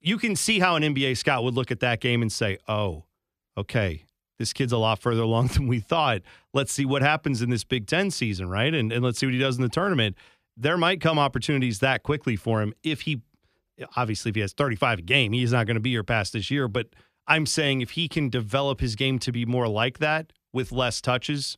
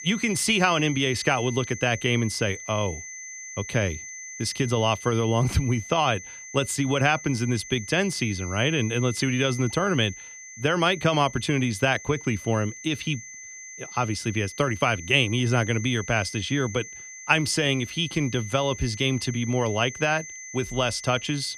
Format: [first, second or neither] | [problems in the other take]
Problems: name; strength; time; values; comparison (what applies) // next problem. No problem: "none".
first | high-pitched whine; noticeable; throughout; 2 kHz, 10 dB below the speech